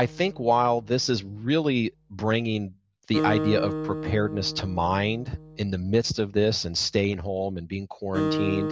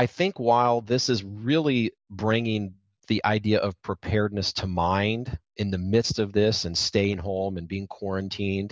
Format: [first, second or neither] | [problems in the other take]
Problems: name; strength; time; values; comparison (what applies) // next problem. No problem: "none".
second | background sound (Acoustic guitar); 8 dB below the speech